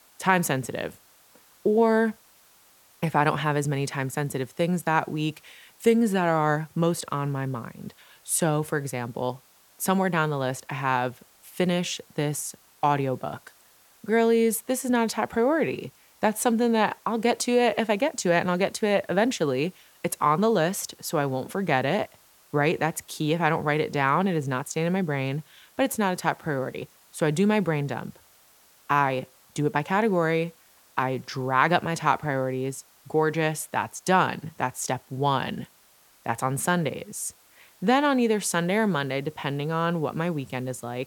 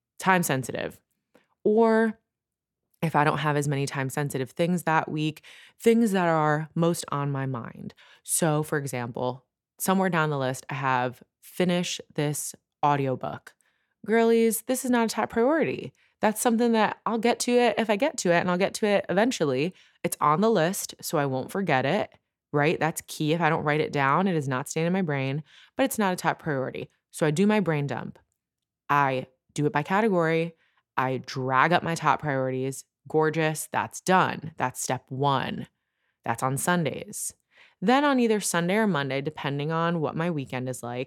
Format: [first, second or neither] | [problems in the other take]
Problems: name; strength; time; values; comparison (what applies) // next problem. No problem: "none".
second | hiss; faint; throughout; 30 dB below the speech